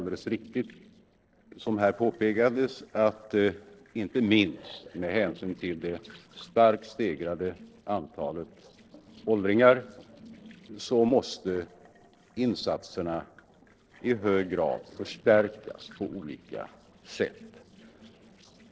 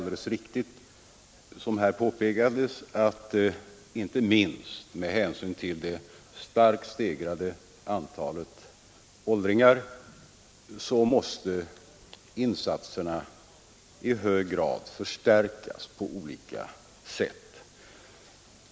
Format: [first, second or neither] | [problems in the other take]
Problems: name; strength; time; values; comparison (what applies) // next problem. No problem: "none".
second | noise reduction (neural separator model SepFormer DNS4)